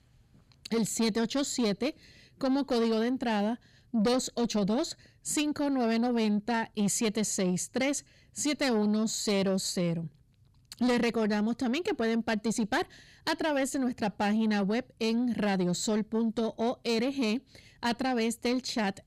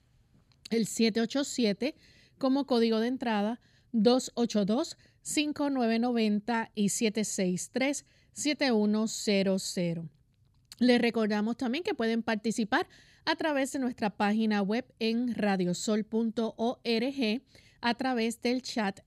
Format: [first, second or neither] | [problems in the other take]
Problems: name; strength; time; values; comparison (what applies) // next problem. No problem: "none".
second | distortion; slight; 10 dB below the speech